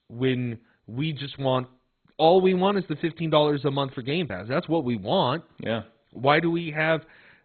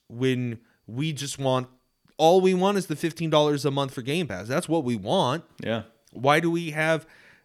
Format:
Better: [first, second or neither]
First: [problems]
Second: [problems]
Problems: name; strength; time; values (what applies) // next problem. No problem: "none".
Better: second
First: garbled, watery; badly; nothing above 4 kHz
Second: none